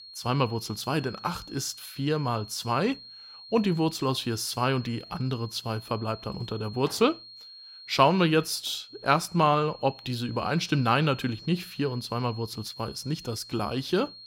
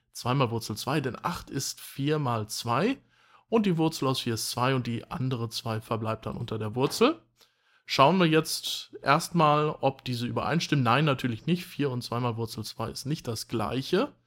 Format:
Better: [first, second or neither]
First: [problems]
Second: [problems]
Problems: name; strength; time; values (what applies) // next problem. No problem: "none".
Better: second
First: high-pitched whine; noticeable; throughout; 4.5 kHz, 15 dB below the speech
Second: none